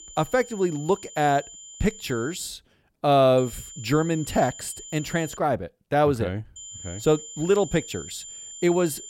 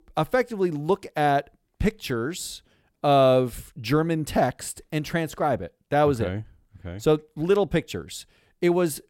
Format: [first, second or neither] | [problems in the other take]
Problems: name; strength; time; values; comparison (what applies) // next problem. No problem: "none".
second | high-pitched whine; noticeable; until 2.5 s, from 3.5 to 5.5 s and from 6.5 s on; 7 kHz, 15 dB below the speech